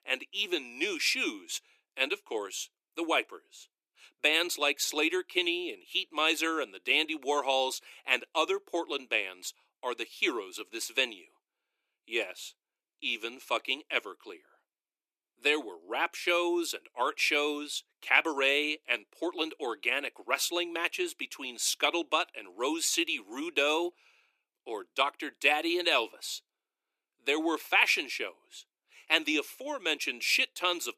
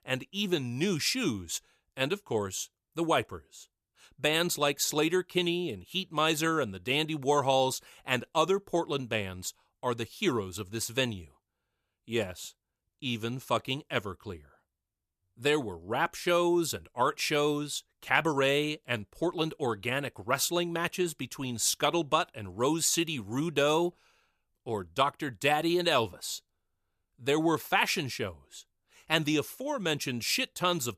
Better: second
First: thin; somewhat; fading below 300 Hz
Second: none

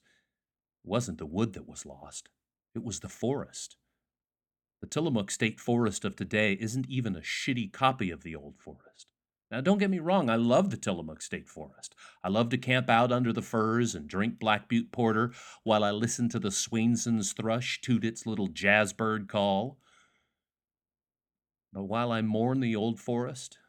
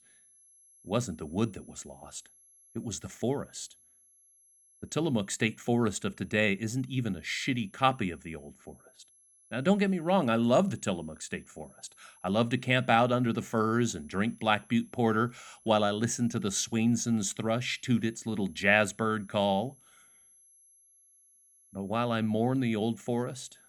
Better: first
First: none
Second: high-pitched whine; faint; throughout; 11 kHz, 30 dB below the speech

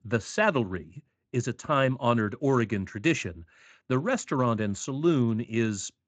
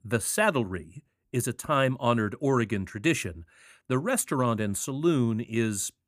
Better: second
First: garbled, watery; slightly; nothing above 7.5 kHz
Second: none

